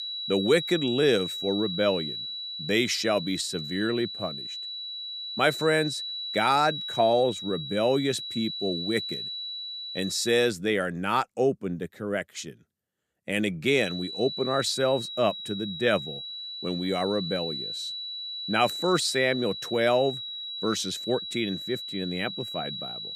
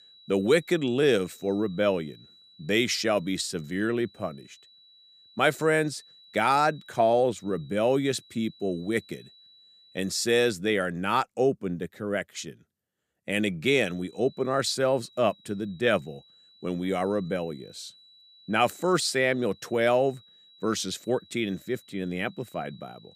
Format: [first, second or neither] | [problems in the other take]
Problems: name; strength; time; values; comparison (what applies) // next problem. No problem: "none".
second | high-pitched whine; loud; until 10 s and from 14 s on; 4 kHz, 6 dB below the speech; faint in the second